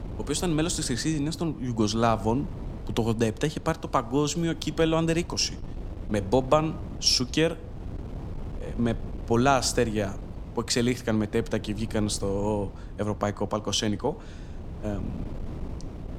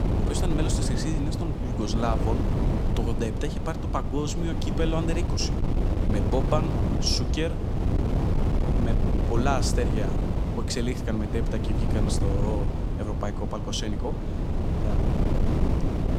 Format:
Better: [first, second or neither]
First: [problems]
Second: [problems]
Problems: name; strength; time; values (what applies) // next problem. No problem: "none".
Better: first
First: wind noise on the microphone; occasional gusts; 20 dB below the speech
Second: wind noise on the microphone; heavy; 2 dB below the speech